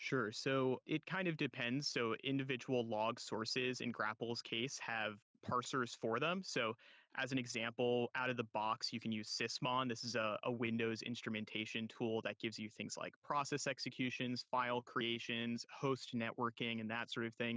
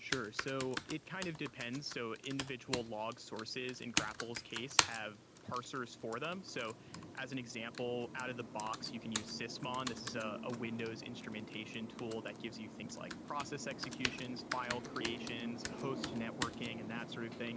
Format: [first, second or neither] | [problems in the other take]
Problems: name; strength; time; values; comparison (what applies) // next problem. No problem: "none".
first | background sound (Computer keyboard); 1 dB below the speech